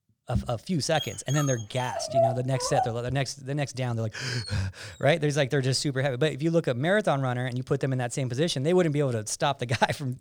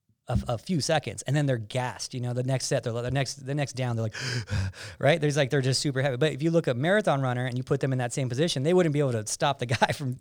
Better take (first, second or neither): second